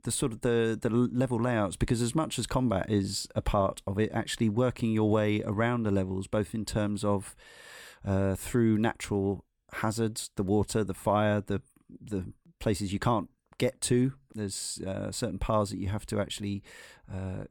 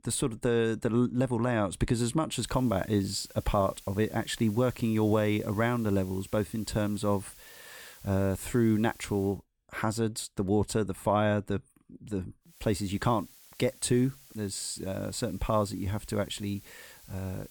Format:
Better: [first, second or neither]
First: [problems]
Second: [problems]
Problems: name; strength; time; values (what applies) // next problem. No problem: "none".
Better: first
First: none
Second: hiss; faint; from 2.5 to 9.5 s and from 13 s on; 20 dB below the speech